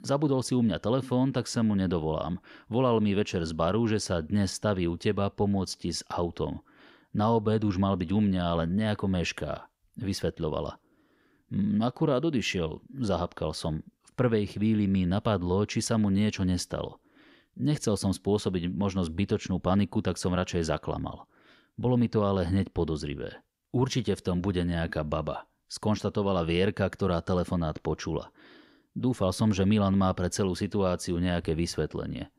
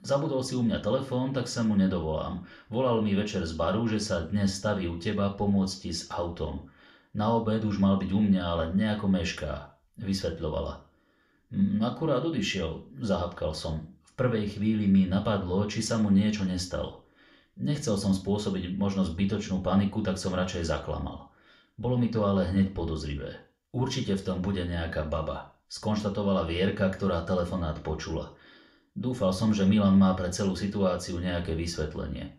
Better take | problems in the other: first | room echo; very slight; dies away in 0.4 s // off-mic speech; somewhat distant

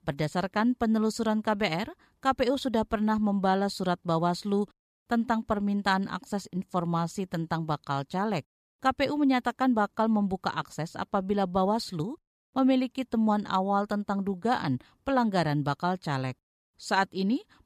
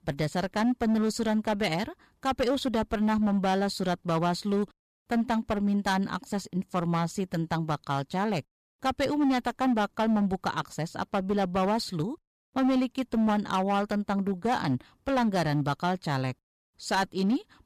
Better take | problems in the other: first | distortion; slight; 10% of the sound clipped

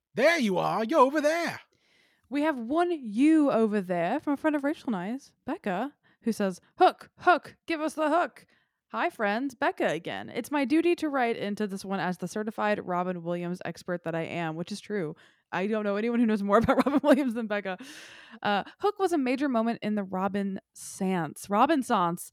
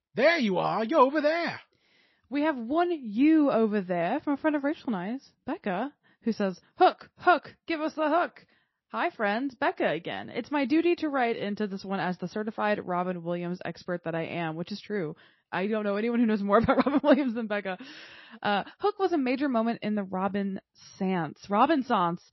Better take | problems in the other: first | garbled, watery; slightly; nothing above 5.5 kHz

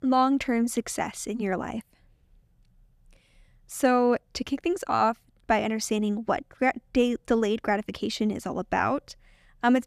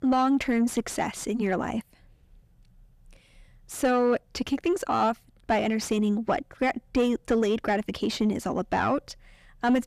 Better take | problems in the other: first | distortion; slight; 10 dB below the speech

